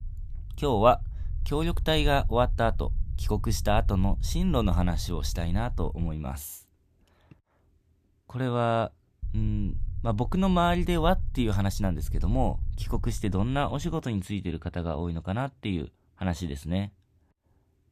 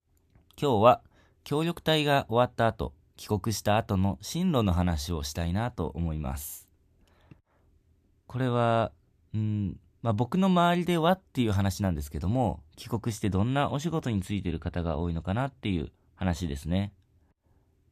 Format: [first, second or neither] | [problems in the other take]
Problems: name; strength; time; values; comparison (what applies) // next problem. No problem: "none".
second | low rumble; faint; until 6 s and from 9 to 14 s; 25 dB below the speech